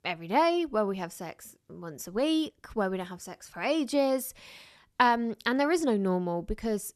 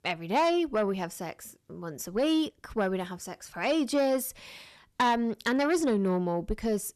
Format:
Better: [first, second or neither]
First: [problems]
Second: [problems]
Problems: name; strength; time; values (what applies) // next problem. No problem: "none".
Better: first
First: none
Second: distortion; slight; 10 dB below the speech